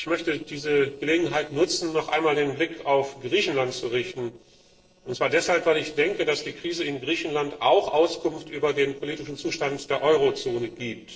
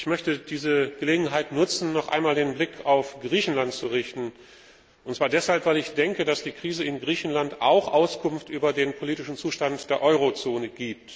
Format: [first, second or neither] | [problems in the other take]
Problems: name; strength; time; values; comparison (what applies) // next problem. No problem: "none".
second | noise reduction (neural separator model SepFormer DNS4)